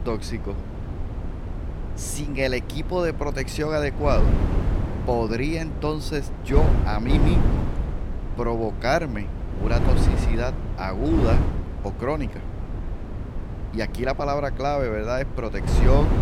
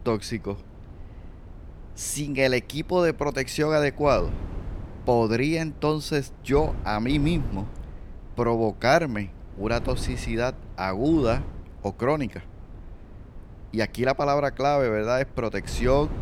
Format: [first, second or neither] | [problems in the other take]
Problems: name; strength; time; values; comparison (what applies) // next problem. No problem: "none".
second | wind noise on the microphone; heavy; 8 dB below the speech; occasional gusts in the second